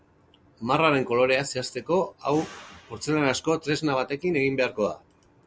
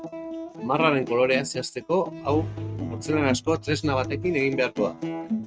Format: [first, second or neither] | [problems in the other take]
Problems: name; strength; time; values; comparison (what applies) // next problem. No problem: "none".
first | noise reduction (neural mask model RNNoise)